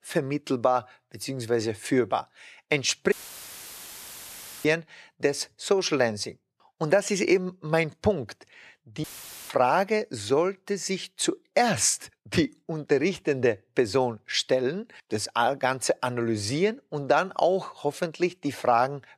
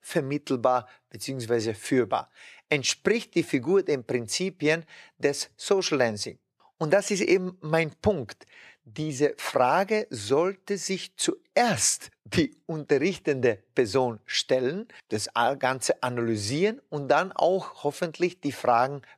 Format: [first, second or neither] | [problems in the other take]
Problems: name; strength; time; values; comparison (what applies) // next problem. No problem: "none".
second | audio cutting out; filled with static; at 3 s for 1.5 s and at 9 s